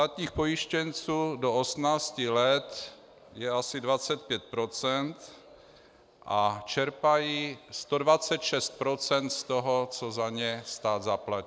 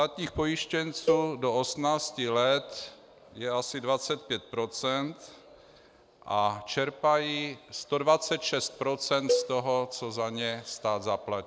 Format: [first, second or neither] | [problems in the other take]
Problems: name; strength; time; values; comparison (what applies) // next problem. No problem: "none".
first | background sound (Cowbell); 4 dB below the speech